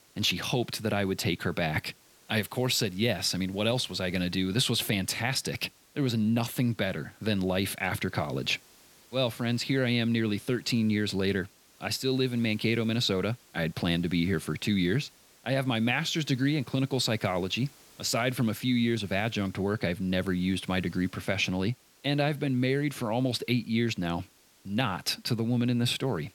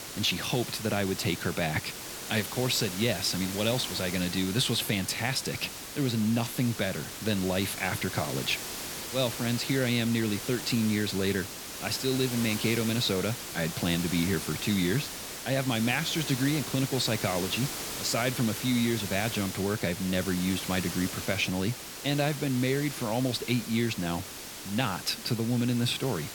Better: first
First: hiss; faint; throughout; 25 dB below the speech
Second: hiss; loud; throughout; 7 dB below the speech

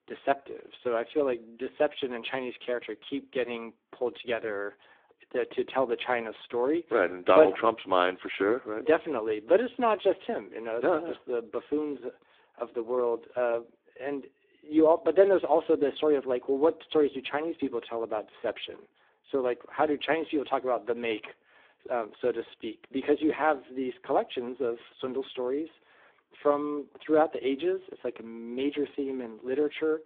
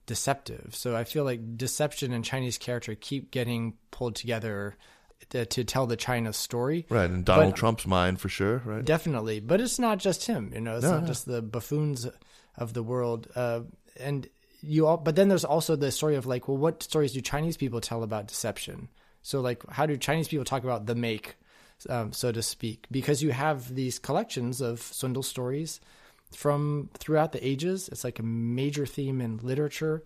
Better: second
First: phone-call audio; poor line; nothing above 3.5 kHz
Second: none

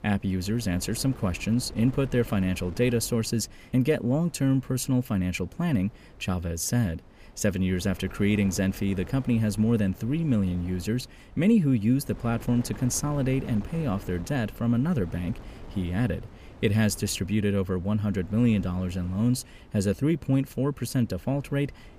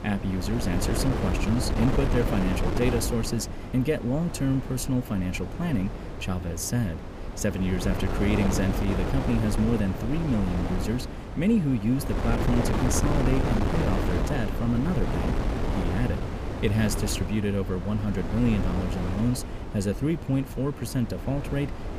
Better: first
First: wind noise on the microphone; occasional gusts; 20 dB below the speech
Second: wind noise on the microphone; heavy; 2 dB below the speech

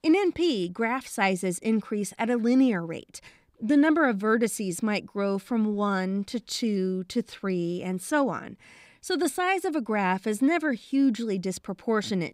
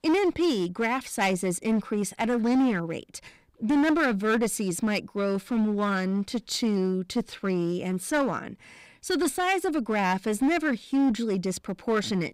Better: first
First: none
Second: distortion; slight; 11% of the sound clipped

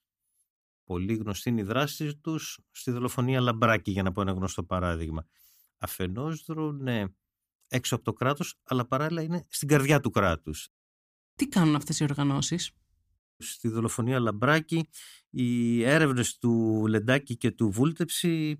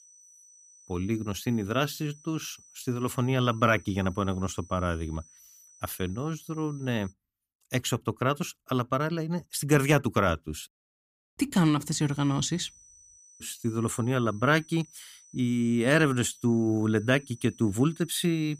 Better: first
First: none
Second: high-pitched whine; faint; until 7 s and from 12 s on; 6 kHz, 25 dB below the speech

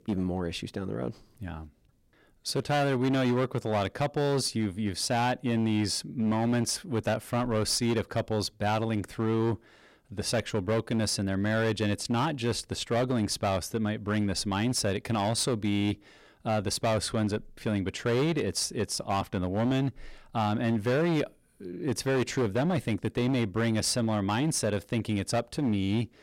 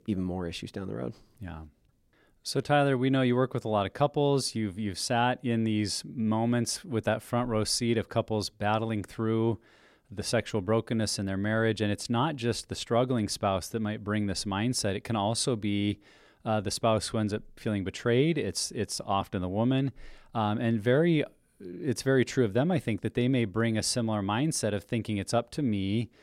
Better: second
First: distortion; slight; 13% of the sound clipped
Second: none

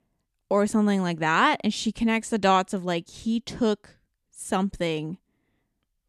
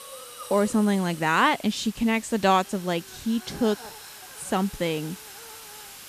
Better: first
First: none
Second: hiss; noticeable; throughout; 15 dB below the speech

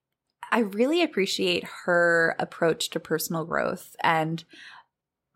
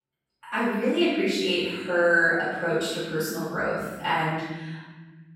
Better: first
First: none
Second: off-mic speech; far // room echo; strong; dies away in 1.3 s

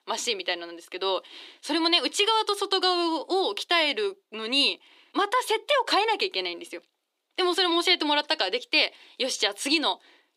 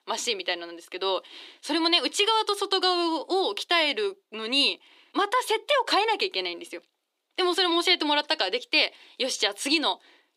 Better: neither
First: thin; somewhat; fading below 300 Hz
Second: thin; somewhat; fading below 300 Hz

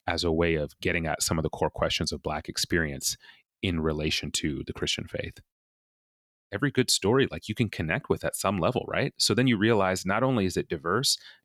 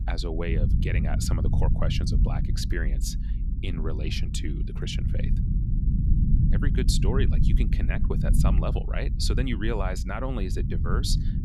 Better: first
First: none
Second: low rumble; loud; throughout; 6 dB below the speech

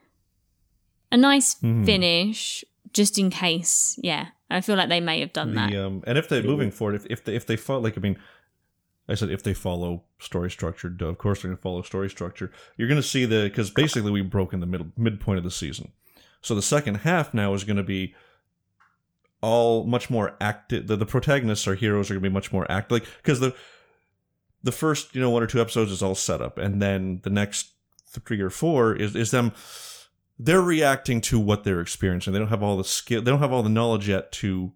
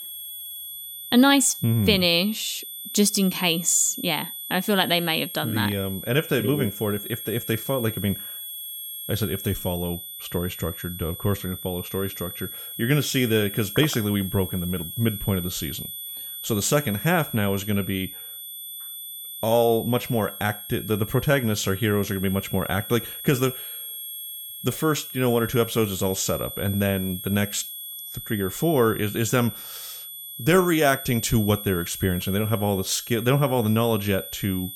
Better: first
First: none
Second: high-pitched whine; loud; throughout; 11.5 kHz, 9 dB below the speech

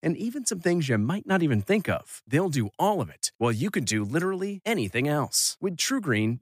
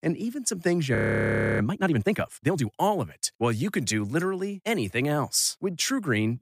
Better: first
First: none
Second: audio freezing; at 1 s for 0.5 s

